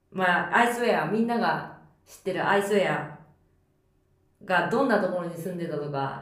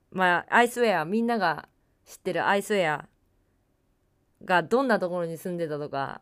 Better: second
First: room echo; slight; dies away in 0.5 s // off-mic speech; somewhat distant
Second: none

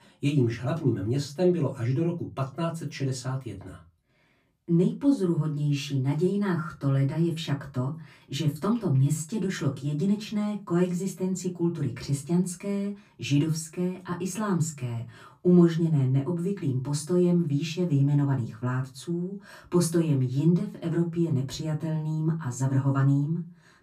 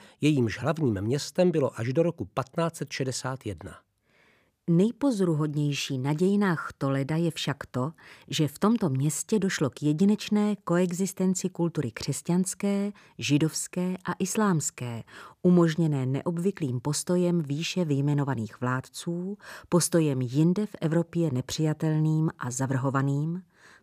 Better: second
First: off-mic speech; far // room echo; very slight; dies away in 0.2 s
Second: none

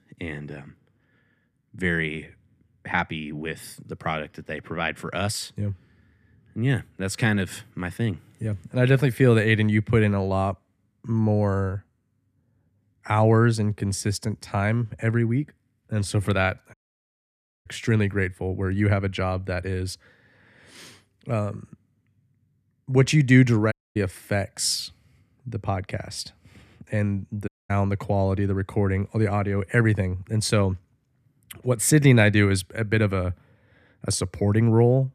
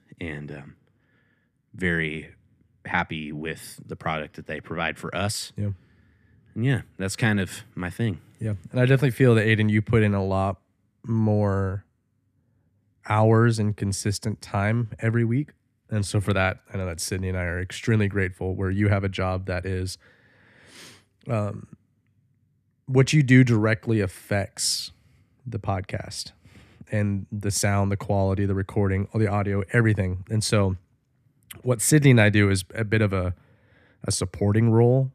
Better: second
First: audio cutting out; at 17 s for 1 s, at 24 s and at 27 s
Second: none

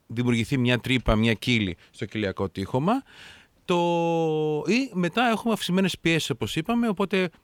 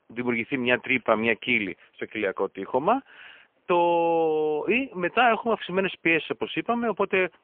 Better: first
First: none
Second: phone-call audio; poor line

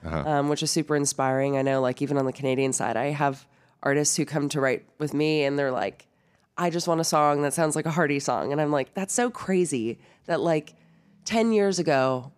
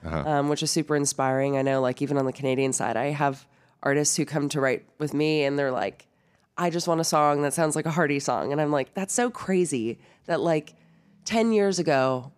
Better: neither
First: none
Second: none

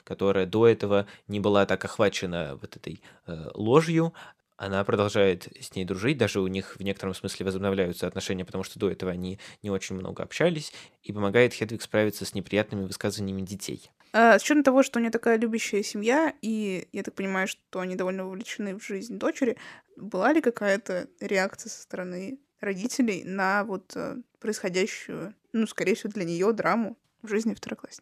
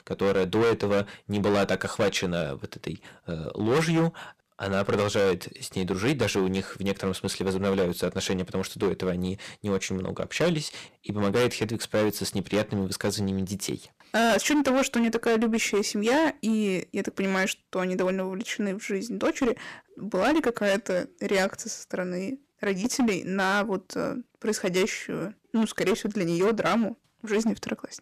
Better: first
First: none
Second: distortion; heavy; 10% of the sound clipped

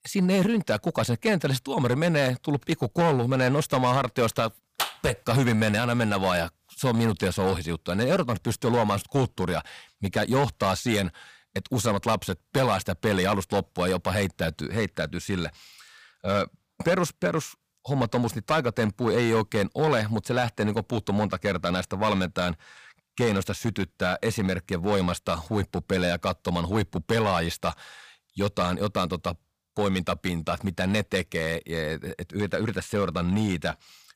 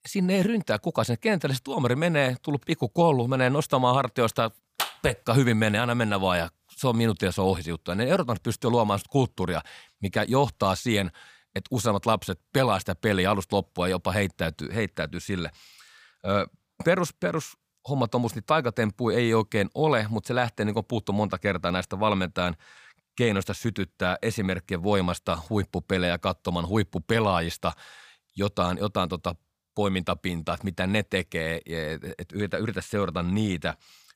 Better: second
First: distortion; slight; 5% of the sound clipped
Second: none

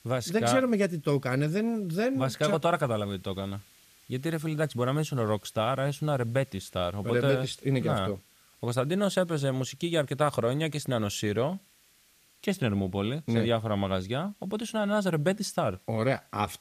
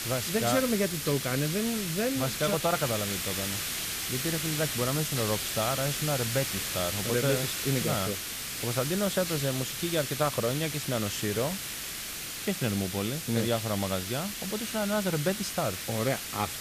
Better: first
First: hiss; faint; throughout; 30 dB below the speech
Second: hiss; loud; throughout; 2 dB below the speech

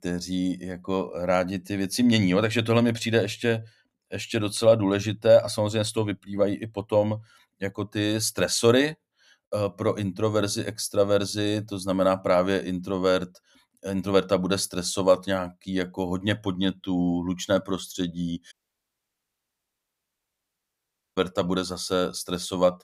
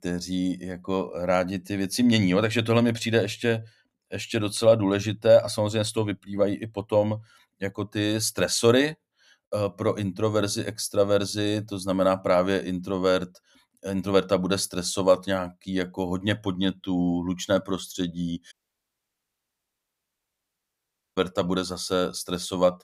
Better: neither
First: audio cutting out; at 19 s for 2.5 s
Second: audio cutting out; at 19 s for 2.5 s

